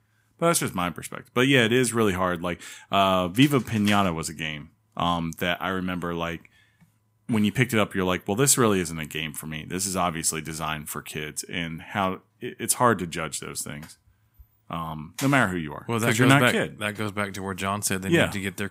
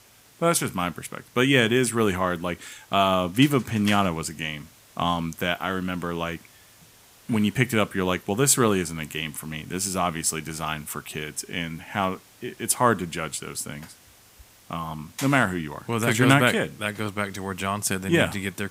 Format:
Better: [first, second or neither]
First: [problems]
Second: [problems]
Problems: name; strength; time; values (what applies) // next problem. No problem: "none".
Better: first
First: none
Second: hiss; faint; throughout; 25 dB below the speech